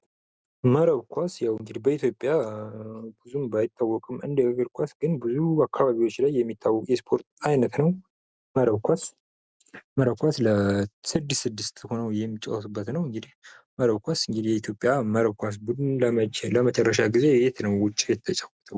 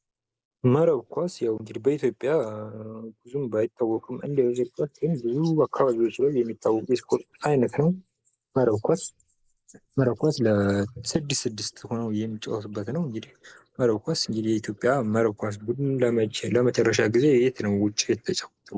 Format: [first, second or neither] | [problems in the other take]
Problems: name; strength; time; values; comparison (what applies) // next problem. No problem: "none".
first | noise reduction (neural mask model Resemble Enhance denoiser)